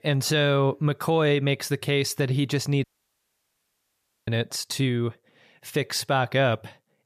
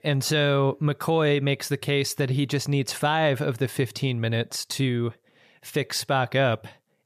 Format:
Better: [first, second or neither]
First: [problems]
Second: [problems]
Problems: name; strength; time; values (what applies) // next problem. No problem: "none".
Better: second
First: audio cutting out; at 3 s for 1.5 s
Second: none